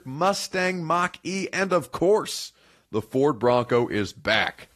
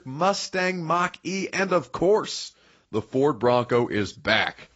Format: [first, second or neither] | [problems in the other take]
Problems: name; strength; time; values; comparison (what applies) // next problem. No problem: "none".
first | garbled, watery; badly; nothing above 7.5 kHz; slightly in the first